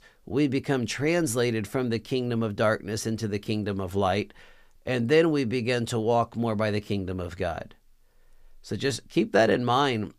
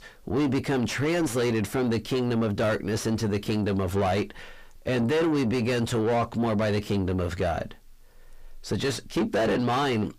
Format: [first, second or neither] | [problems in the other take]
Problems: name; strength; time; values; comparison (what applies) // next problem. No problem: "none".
first | distortion; heavy; 6 dB below the speech